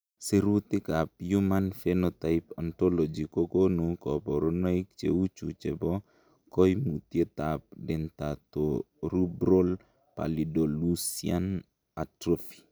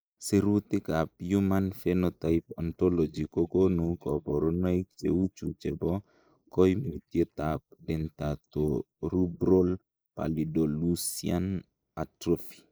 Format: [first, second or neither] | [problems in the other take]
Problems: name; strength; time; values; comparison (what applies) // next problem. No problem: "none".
first | noise reduction (neural mask model Resemble Enhance denoiser)